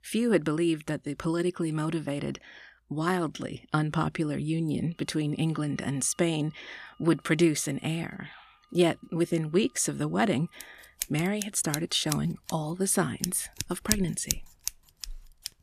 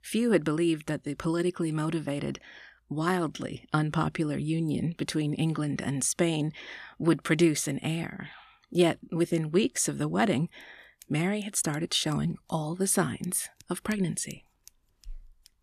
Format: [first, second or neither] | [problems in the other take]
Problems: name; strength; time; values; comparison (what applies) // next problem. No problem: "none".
second | household noises; loud; from 5.5 s on; 7 dB below the speech; faint in the second